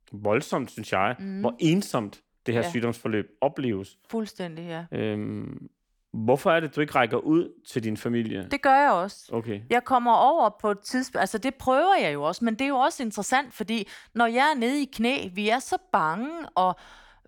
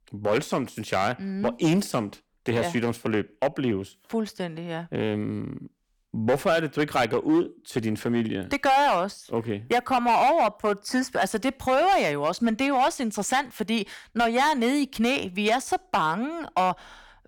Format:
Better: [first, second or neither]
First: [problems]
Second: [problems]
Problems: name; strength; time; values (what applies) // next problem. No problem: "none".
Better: first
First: none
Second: distortion; slight; 6% of the sound clipped